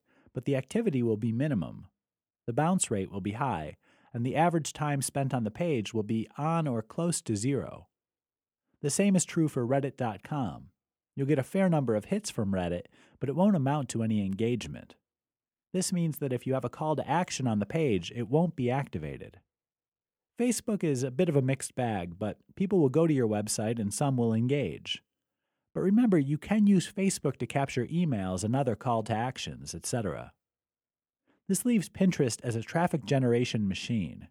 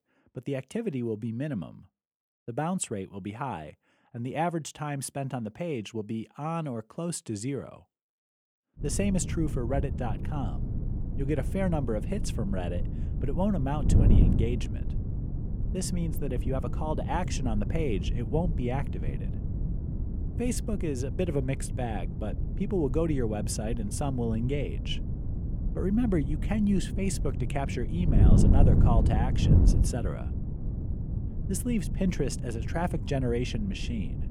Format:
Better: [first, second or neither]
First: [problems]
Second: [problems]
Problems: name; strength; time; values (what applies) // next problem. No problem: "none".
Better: first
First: none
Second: wind noise on the microphone; heavy; from 9 s on; 7 dB below the speech